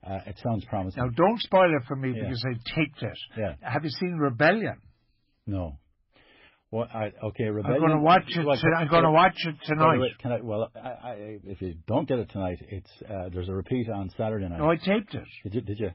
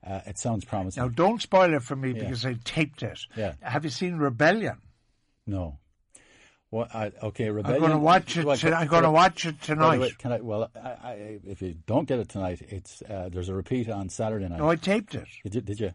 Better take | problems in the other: second | garbled, watery; badly; nothing above 5.5 kHz; slightly in the second

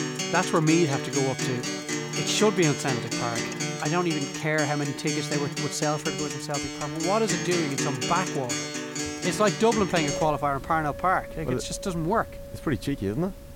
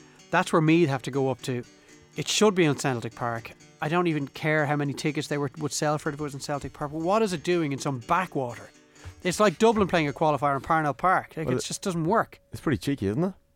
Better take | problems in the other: second | background music; loud; throughout; 3 dB below the speech; faint in the second

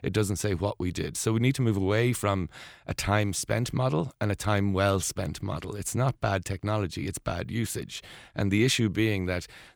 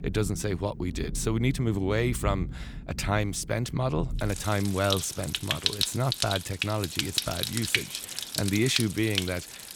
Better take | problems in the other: first | rain or running water; loud; throughout; 3 dB below the speech

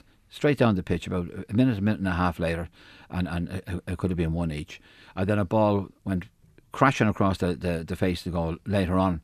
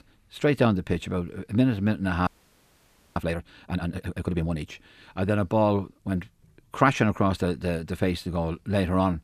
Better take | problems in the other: first | audio freezing; at 2.5 s for 1 s

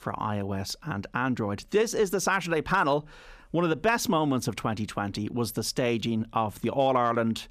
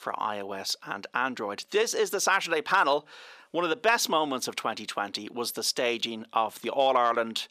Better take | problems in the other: first | thin; somewhat; fading below 450 Hz

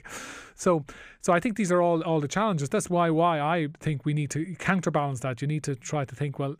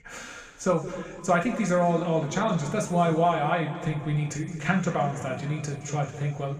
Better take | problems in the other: first | room echo; noticeable; dies away in 2.2 s // off-mic speech; far

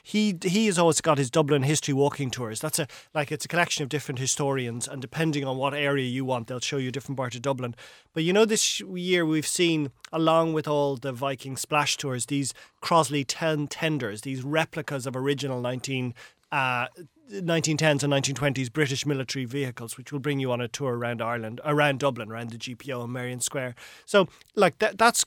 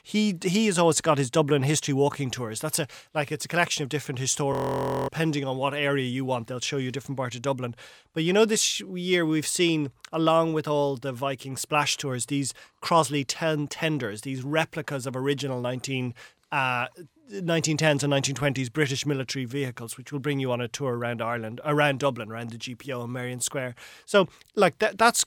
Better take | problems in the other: first | audio freezing; at 4.5 s for 0.5 s

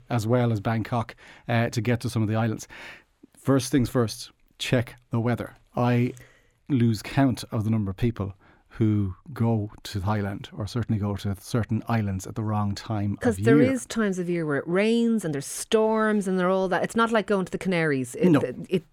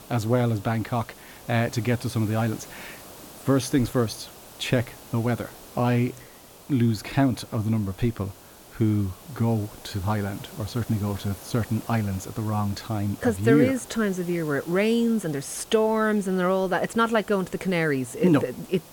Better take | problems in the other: first | hiss; noticeable; throughout; 20 dB below the speech

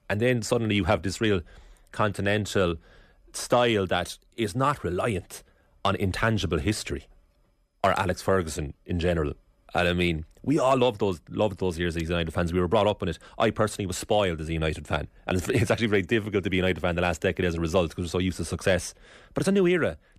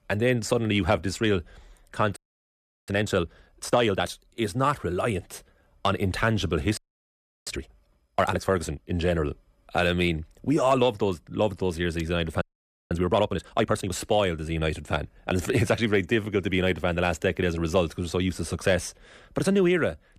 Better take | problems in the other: first | audio freezing; at 2 s for 0.5 s, at 7 s for 0.5 s and at 12 s for 0.5 s

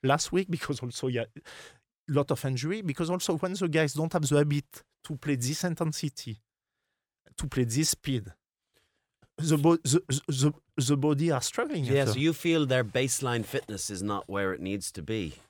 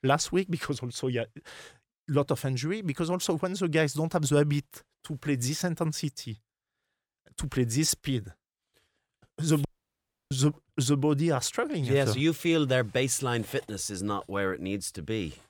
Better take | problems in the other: first | audio cutting out; at 9.5 s for 0.5 s

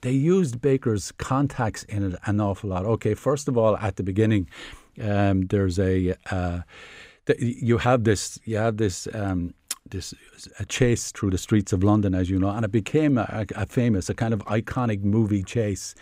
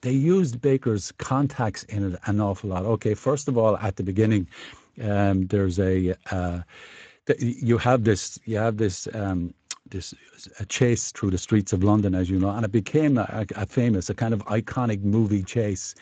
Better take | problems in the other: first | garbled, watery; slightly; nothing above 7.5 kHz

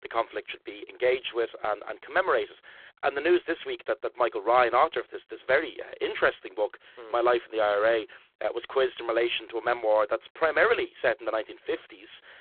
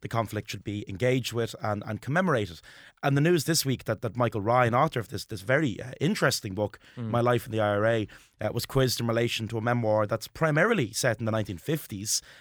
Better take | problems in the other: second | phone-call audio; poor line

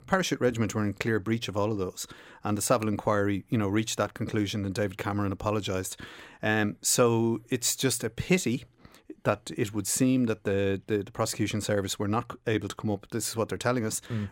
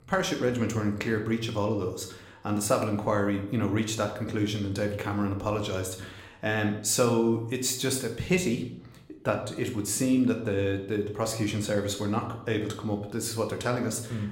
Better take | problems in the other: first | room echo; slight; dies away in 0.6 s

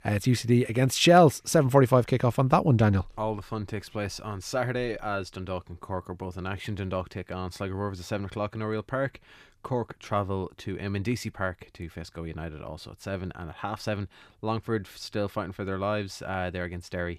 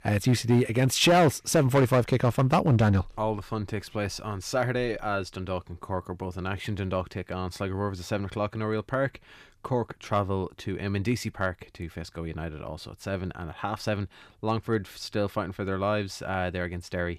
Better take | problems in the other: first | distortion; slight; 2% of the sound clipped

